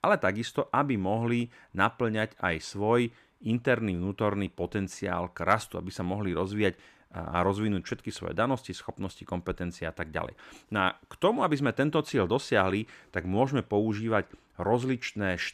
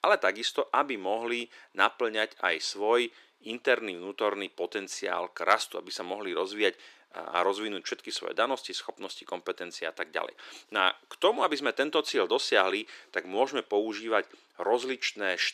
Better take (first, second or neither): first